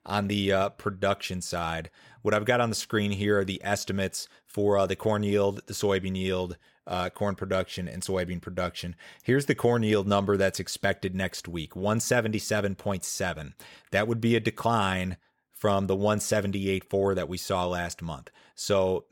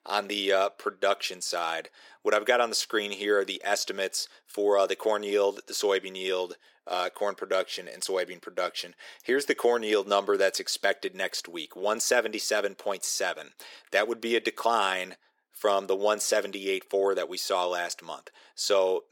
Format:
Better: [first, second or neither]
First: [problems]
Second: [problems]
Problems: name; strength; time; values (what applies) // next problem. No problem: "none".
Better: first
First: none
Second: thin; very; fading below 350 Hz